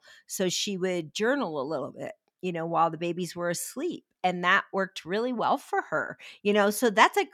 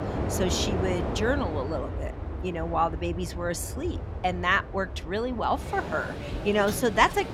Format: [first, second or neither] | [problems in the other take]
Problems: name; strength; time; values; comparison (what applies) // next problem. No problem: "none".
first | train or aircraft noise; loud; throughout; 6 dB below the speech